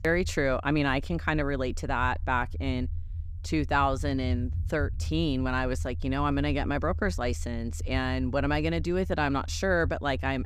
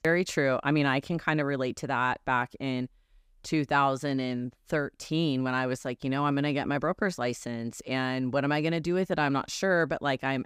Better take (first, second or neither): second